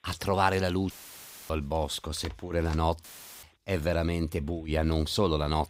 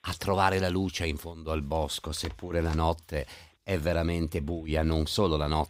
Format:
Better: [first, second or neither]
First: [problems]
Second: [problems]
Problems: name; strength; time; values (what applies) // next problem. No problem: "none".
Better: second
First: audio cutting out; filled with static; at 1 s for 0.5 s and at 3 s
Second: none